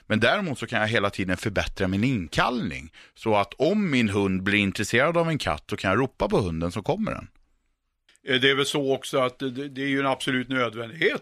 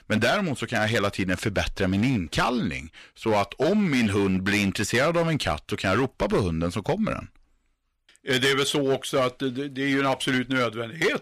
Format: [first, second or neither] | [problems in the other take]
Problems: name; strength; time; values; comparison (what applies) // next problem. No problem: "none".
first | distortion; slight; 8% of the sound clipped